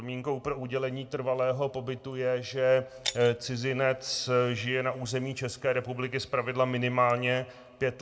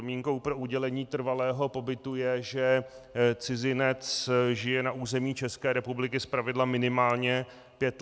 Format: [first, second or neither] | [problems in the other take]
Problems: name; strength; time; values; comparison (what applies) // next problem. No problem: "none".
second | background sound (Shatter); 15 dB below the speech // room echo; dies away in 1 s